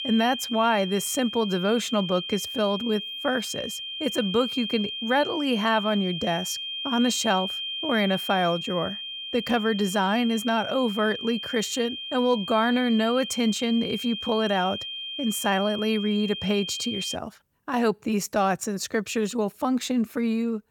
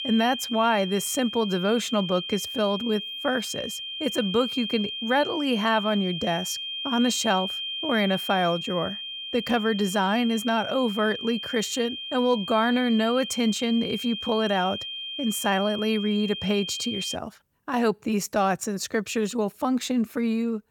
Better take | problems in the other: neither | high-pitched whine; loud; until 17 s; 3 kHz, 6 dB below the speech; the same in both

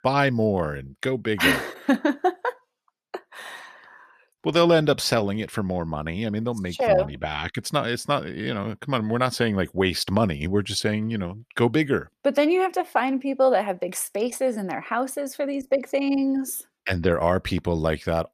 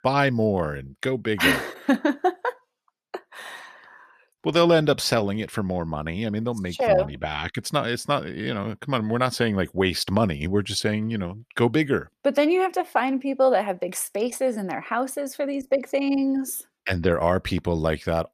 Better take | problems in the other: neither | none

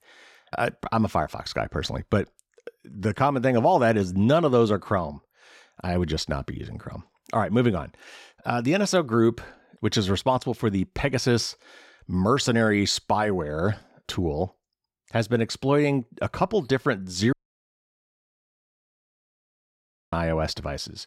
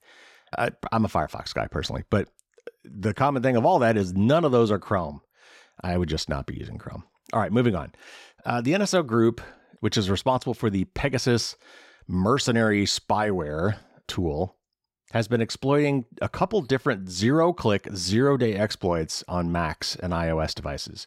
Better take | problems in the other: second | audio cutting out; at 17 s for 3 s

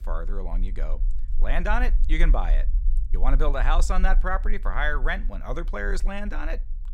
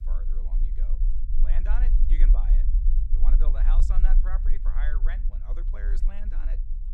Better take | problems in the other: first | low rumble; loud; throughout; 7 dB below the speech; faint in the first

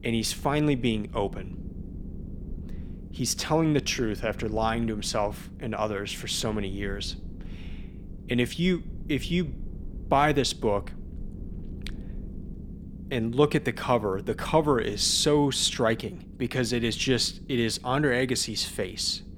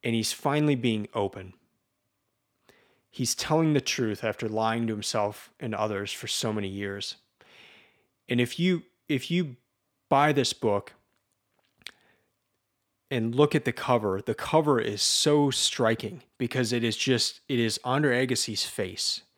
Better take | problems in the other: second | low rumble; faint; throughout; 25 dB below the speech

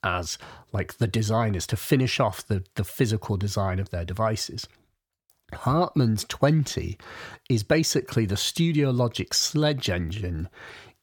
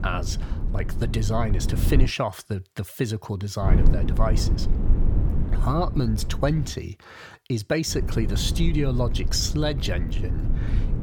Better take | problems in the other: first | low rumble; loud; until 2 s, from 3.5 to 6.5 s and from 8 s on; 10 dB below the speech

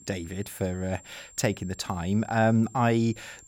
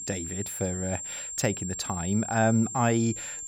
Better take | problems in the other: first | high-pitched whine; loud; throughout; 7.5 kHz, 6 dB below the speech; faint in the first

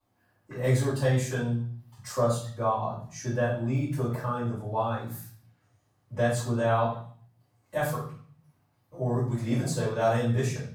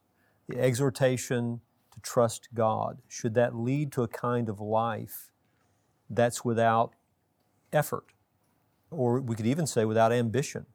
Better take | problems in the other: second | room echo; noticeable; dies away in 0.6 s // off-mic speech; far

